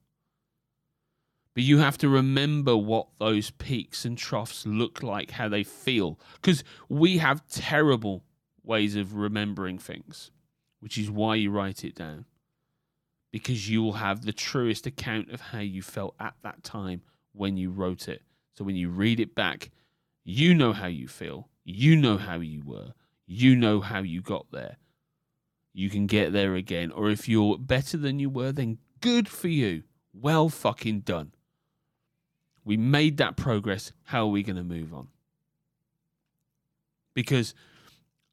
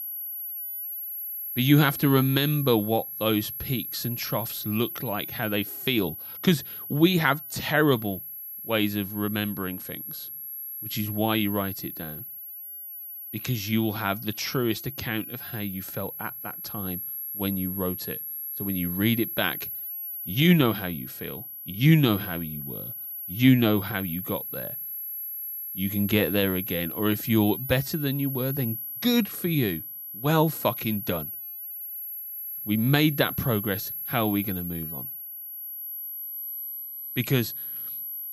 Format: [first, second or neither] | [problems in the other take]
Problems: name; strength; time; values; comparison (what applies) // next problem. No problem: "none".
first | high-pitched whine; loud; throughout; 11.5 kHz, 7 dB below the speech